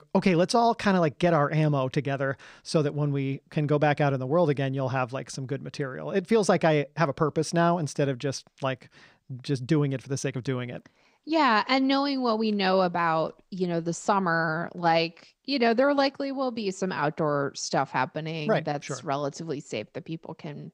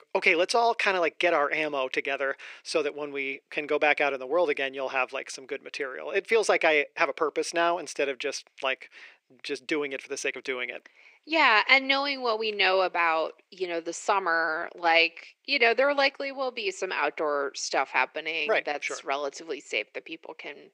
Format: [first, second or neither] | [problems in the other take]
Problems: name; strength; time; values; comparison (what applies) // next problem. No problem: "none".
first | thin; very; fading below 400 Hz